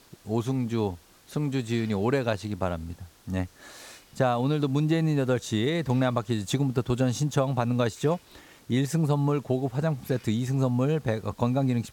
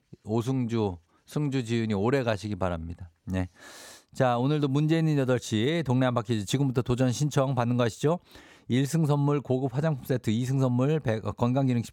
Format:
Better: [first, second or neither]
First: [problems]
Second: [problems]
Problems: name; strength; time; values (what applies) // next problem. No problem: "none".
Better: second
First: hiss; faint; throughout; 30 dB below the speech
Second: none